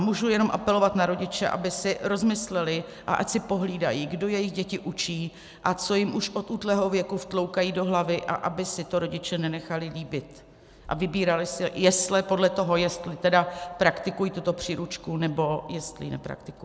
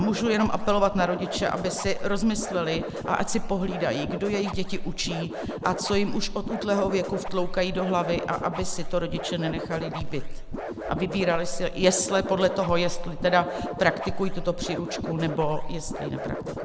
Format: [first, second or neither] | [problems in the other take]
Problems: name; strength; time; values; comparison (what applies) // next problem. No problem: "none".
first | background sound (Scratching (performance technique)); 4 dB below the speech